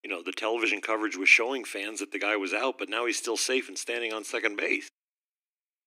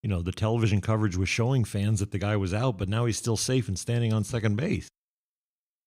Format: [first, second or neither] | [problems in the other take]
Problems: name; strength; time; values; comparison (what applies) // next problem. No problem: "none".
second | thin; very; fading below 300 Hz